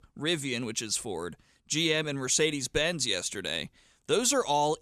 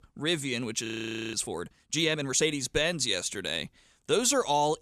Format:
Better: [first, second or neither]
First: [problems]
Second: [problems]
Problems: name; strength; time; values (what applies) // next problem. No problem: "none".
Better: first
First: none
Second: audio freezing; at 1 s